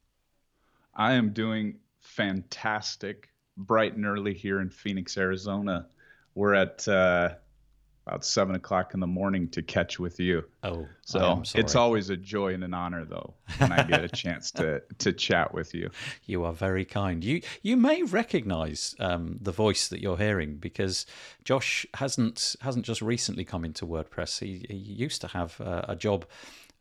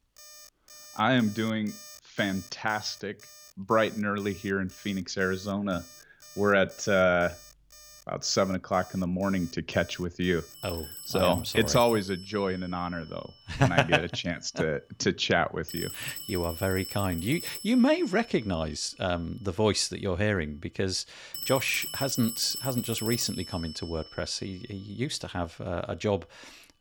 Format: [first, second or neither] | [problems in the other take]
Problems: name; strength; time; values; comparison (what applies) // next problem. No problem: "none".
first | alarms or sirens; noticeable; throughout; 10 dB below the speech